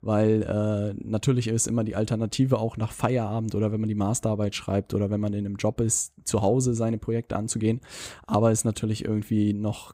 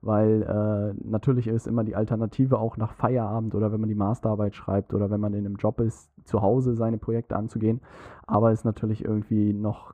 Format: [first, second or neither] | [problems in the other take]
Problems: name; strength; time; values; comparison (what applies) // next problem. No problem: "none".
first | muffled; very; fading above 2.5 kHz